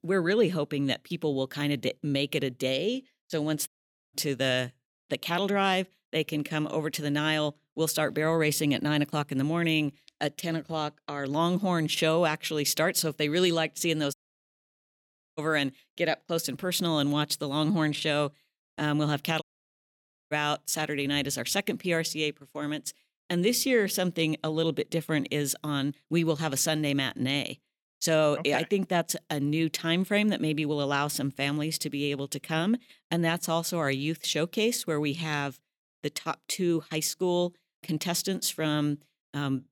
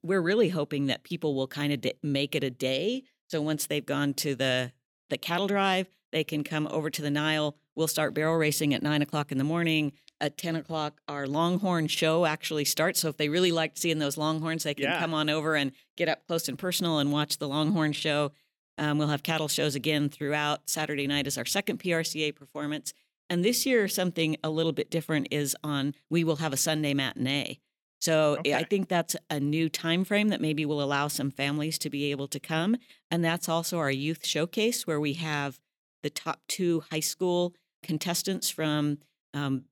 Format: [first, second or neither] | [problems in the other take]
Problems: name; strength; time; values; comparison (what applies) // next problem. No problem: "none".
second | audio cutting out; at 3.5 s, at 14 s for 1 s and at 19 s for 1 s